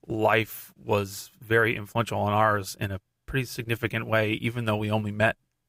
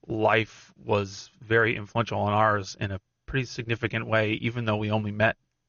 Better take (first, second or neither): first